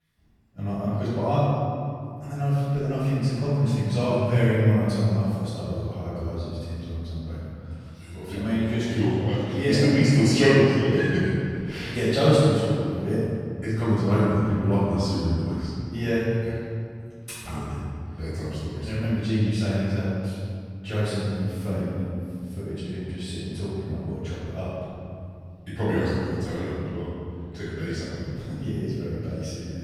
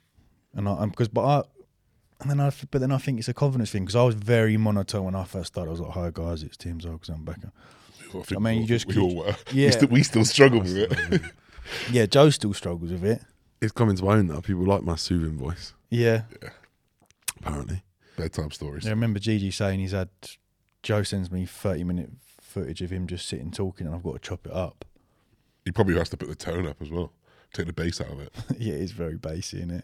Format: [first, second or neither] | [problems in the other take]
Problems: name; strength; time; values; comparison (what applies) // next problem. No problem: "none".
second | off-mic speech; far // room echo; strong; dies away in 2.4 s